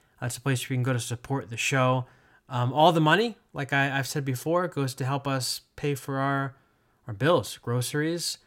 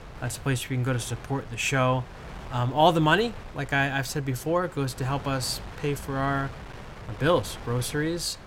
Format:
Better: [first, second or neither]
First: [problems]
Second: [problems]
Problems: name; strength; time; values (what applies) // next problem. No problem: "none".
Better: first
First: none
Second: wind noise on the microphone; occasional gusts; 15 dB below the speech